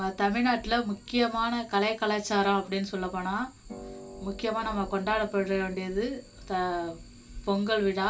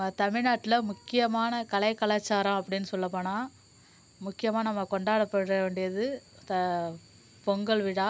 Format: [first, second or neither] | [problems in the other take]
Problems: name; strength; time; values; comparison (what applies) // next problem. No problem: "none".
second | background sound (Harp); 18 dB below the speech // room echo; dies away in 0.2 s